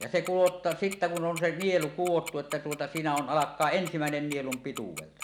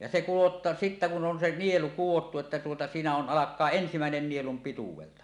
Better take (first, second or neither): second